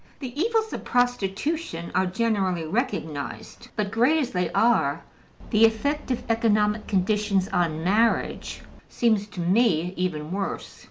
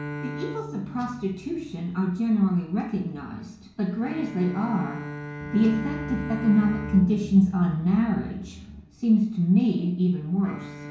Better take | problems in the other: first | background sound (Bowed string instrument); 13 dB below the speech // room echo; dies away in 0.6 s

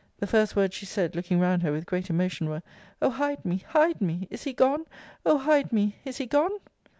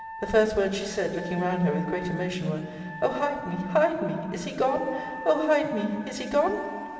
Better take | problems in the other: first | background sound (Wind instrument, woodwind instrument); 14 dB below the speech // room echo; dies away in 2.7 s

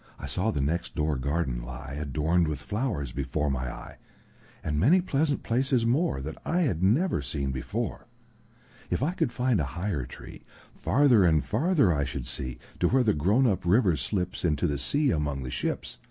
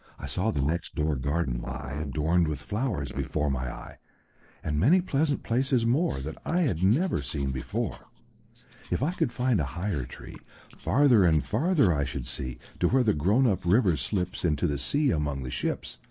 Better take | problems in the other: first | noise reduction (neural mask model Resemble Enhance denoiser)

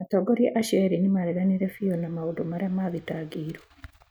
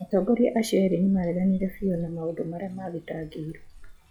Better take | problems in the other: first | noise reduction (classical method log-MMSE)

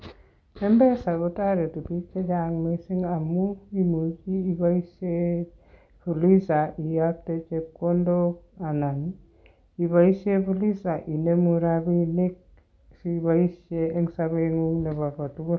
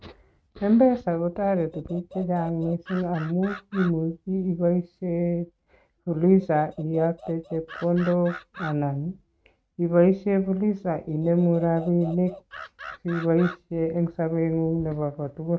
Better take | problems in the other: first | noise reduction (neural mask model RNNoise)

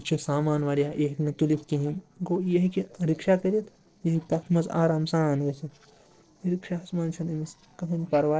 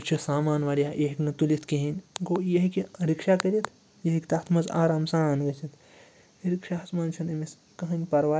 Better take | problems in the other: second | noise reduction (neural separator model SepFormer DNS4)

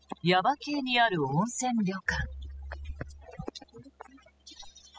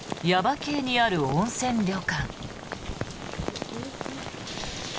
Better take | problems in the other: second | noise reduction (classical method spectral subtraction)

